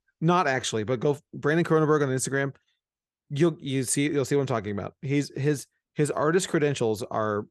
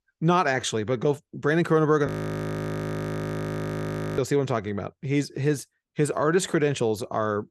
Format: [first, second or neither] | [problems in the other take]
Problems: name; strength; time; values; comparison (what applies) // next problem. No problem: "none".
first | audio freezing; at 2 s for 2 s